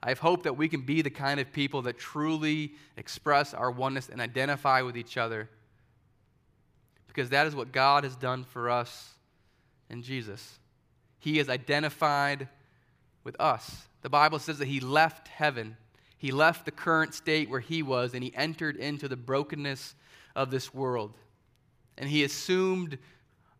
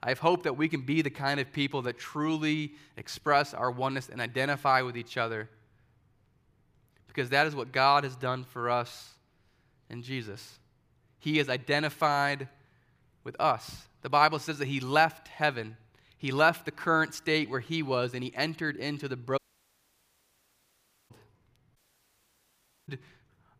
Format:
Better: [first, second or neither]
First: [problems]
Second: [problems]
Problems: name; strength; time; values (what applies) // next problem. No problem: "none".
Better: first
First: none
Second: audio cutting out; at 19 s for 1.5 s and at 22 s for 1 s